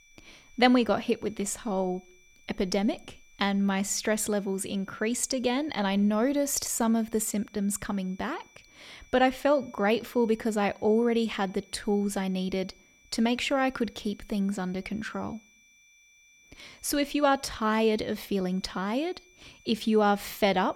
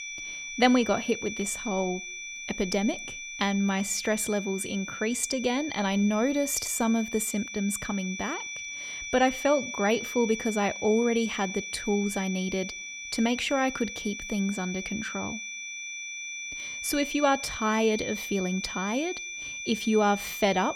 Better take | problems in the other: first | high-pitched whine; loud; throughout; 2.5 kHz, 7 dB below the speech; faint in the first

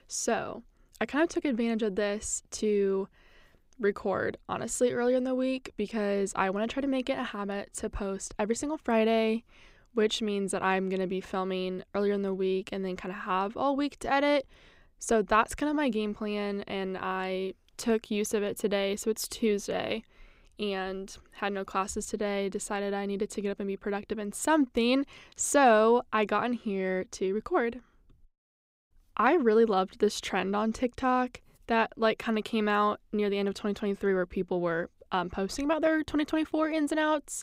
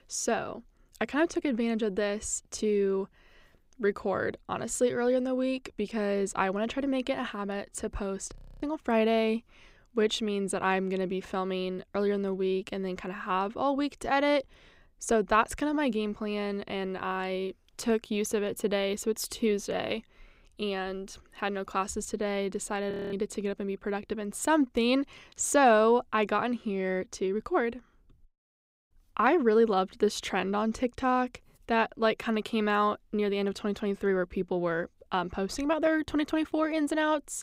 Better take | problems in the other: first | audio freezing; at 8.5 s and at 23 s

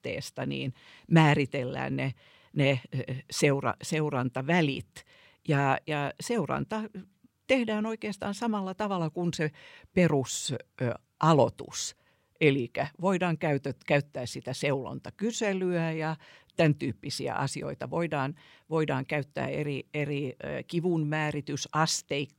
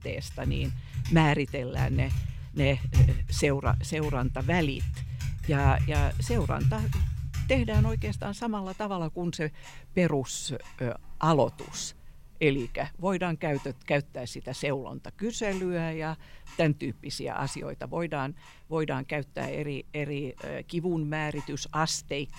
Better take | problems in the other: first | household noises; very loud; throughout; as loud as the speech

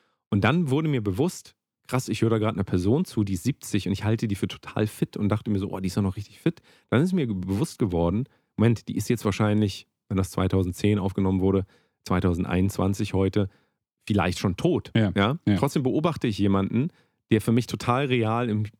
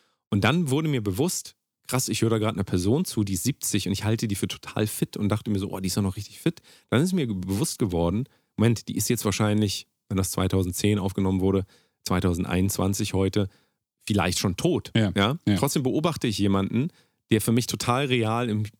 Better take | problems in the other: second | muffled; slightly; fading above 3.5 kHz

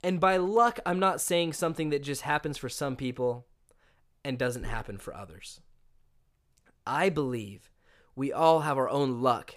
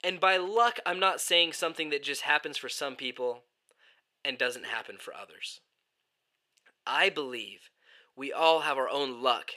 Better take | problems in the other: first | thin; somewhat; fading below 450 Hz

